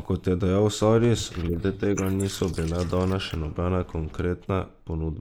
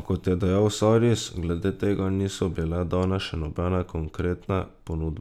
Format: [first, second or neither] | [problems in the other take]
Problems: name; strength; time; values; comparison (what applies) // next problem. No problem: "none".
second | noise reduction (neural mask model Resemble Enhance denoiser)